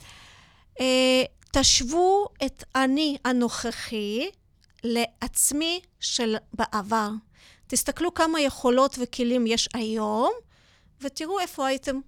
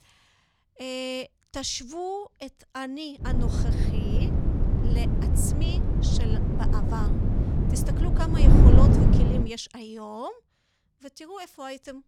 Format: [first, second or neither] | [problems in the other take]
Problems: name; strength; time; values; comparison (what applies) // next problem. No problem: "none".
first | wind noise on the microphone; heavy; from 3.5 to 9.5 s; 2 dB above the speech